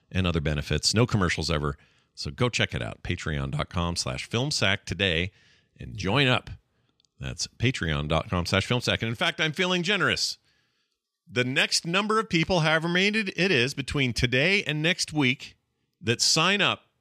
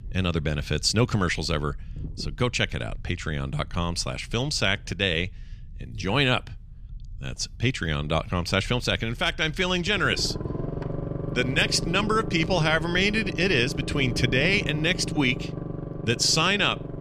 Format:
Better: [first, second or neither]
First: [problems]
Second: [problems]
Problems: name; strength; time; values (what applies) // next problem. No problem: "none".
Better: first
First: none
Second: low rumble; noticeable; throughout; 15 dB below the speech